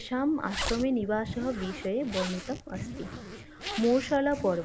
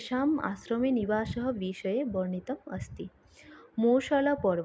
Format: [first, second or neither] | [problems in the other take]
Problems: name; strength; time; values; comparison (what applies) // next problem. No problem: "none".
second | background sound (Zipper (clothing)); 10 dB below the speech